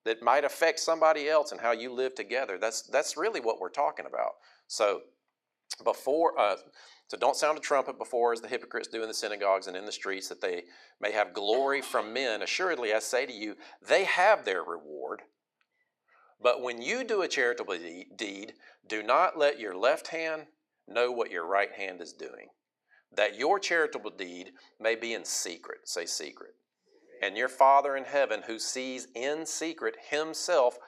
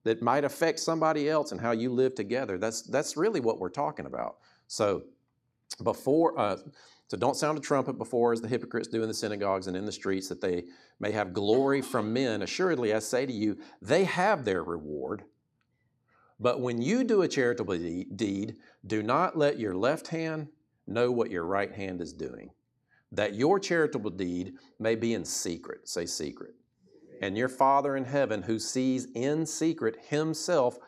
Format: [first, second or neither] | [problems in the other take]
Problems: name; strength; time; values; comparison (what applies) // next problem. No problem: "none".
second | thin; very; fading below 600 Hz